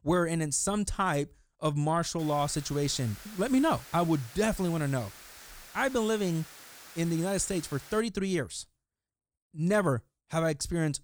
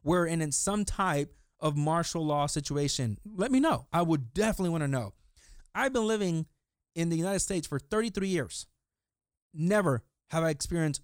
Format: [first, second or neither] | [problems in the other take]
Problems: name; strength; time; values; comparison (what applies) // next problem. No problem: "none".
second | hiss; noticeable; from 2 to 8 s; 15 dB below the speech